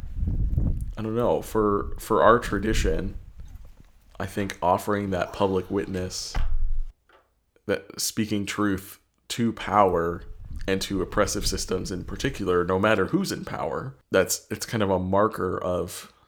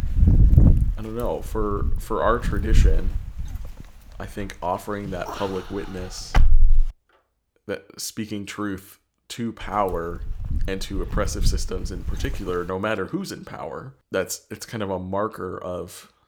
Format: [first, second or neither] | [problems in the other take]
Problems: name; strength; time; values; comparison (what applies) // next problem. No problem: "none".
first | wind noise on the microphone; heavy; until 7 s and from 9.5 to 13 s; 7 dB below the speech; occasional gusts in the first